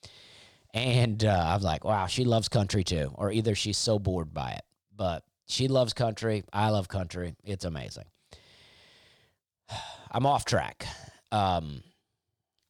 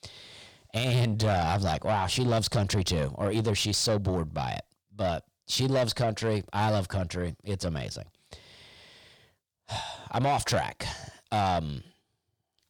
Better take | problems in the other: first | distortion; slight; 10 dB below the speech

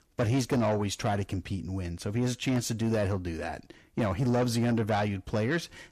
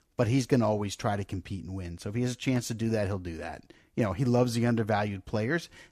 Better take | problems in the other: second | distortion; slight; 10 dB below the speech

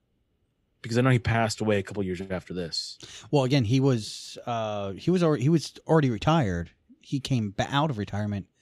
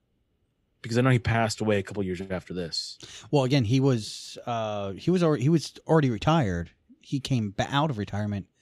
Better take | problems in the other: neither | none

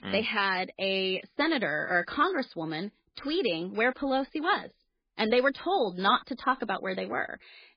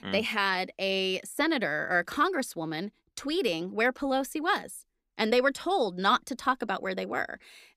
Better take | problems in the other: second | garbled, watery; badly; nothing above 4.5 kHz

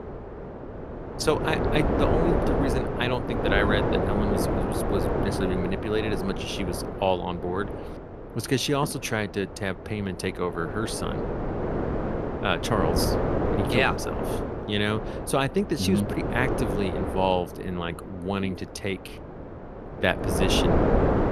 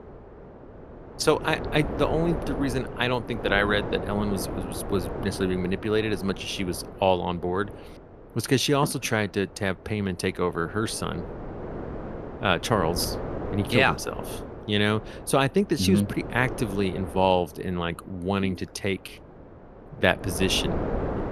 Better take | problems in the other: second | wind noise on the microphone; heavy; 1 dB below the speech; occasional gusts in the second

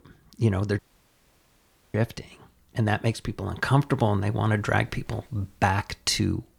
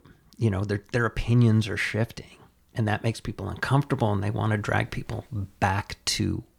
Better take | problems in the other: second | audio cutting out; at 1 s for 1 s

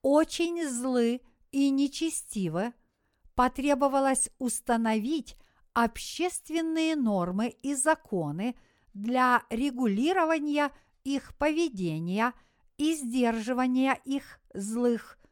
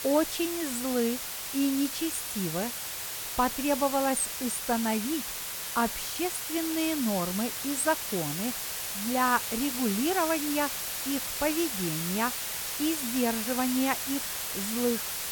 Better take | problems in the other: first | hiss; loud; throughout; 2 dB below the speech

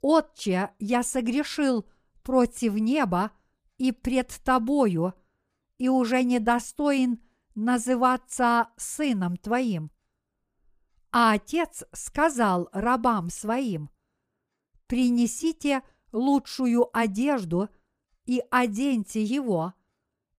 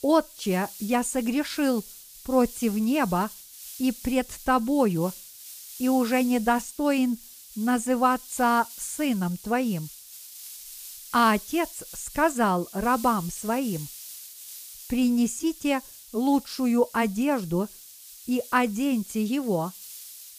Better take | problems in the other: first | hiss; noticeable; throughout; 15 dB below the speech

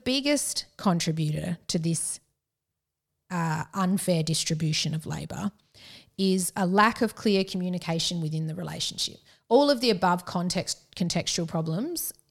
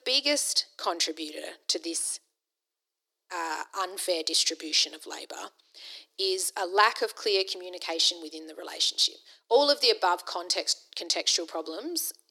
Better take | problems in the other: first | thin; very; fading below 300 Hz

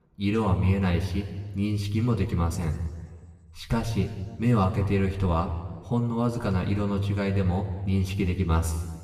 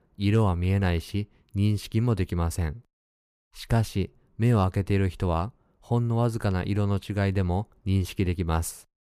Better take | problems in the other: second | room echo; slight; dies away in 1.5 s // off-mic speech; somewhat distant

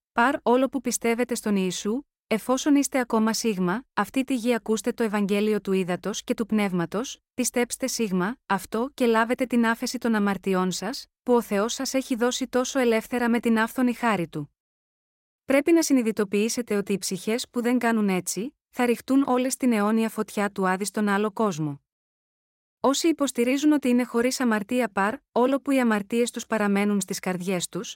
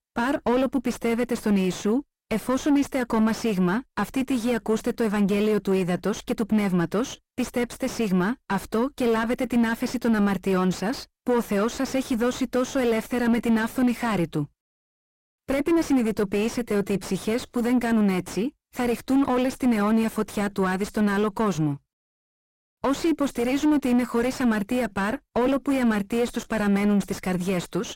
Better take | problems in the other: first | distortion; heavy; 6 dB below the speech

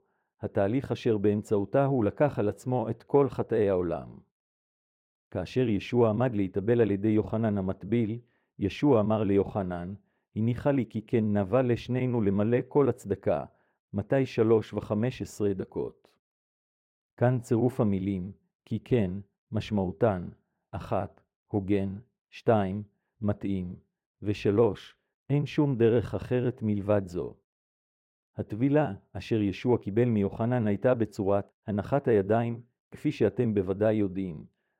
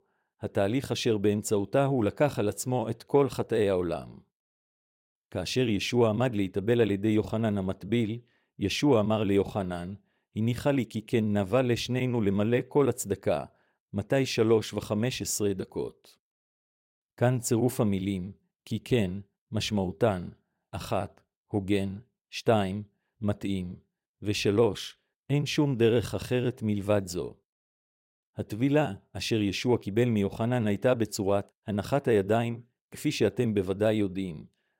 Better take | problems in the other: second | muffled; very; fading above 3 kHz

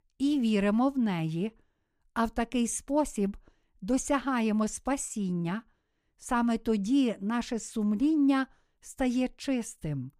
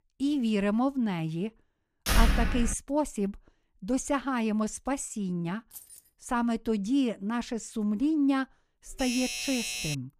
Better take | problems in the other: first | door banging; loud; at 2 s; peak 4 dB above the speech // jangling keys; faint; at 5.5 s; peak 15 dB below the speech // doorbell; noticeable; from 9 s on; peak 2 dB below the speech

